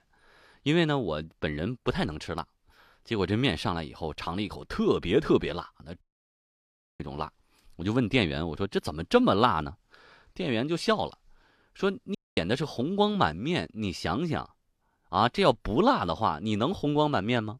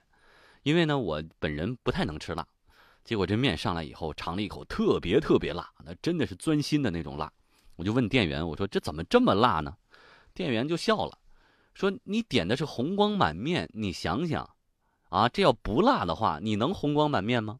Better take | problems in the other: second | audio cutting out; at 6 s for 1 s and at 12 s

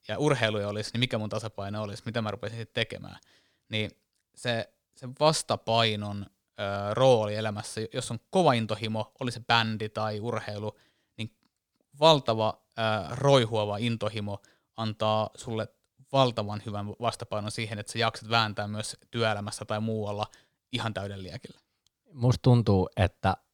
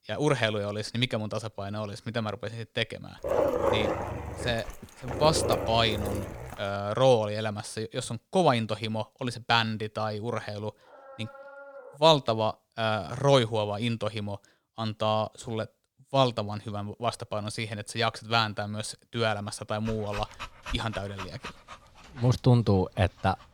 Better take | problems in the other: first | dog barking; loud; from 3 to 6.5 s; peak 3 dB above the speech // dog barking; faint; from 11 to 12 s; peak 15 dB below the speech // dog barking; noticeable; from 20 to 22 s; peak 10 dB below the speech

